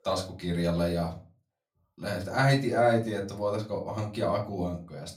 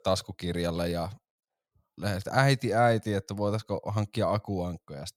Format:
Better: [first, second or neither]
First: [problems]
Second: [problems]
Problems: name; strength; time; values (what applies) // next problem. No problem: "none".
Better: second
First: off-mic speech; far // room echo; very slight; dies away in 0.3 s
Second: none